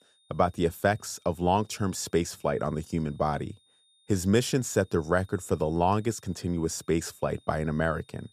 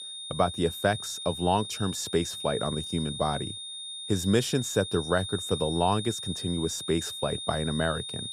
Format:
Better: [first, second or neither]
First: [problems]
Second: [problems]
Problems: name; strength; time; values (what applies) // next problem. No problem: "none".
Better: first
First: high-pitched whine; faint; throughout; 3.5 kHz, 35 dB below the speech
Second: high-pitched whine; loud; throughout; 3.5 kHz, 6 dB below the speech